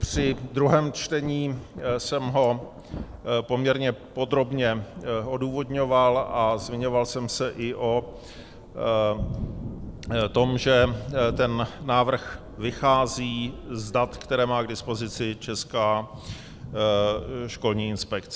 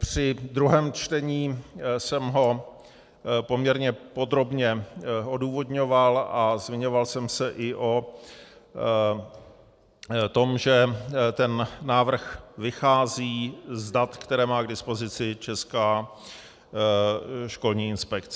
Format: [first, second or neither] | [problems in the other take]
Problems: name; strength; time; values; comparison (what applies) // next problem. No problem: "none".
second | background sound (Thunder / Rain); 14 dB below the speech